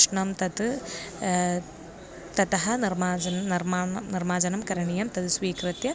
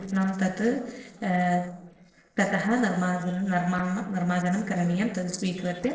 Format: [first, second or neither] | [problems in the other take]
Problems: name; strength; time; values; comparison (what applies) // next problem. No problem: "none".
first | noise reduction (neural separator model SepFormer DNS4)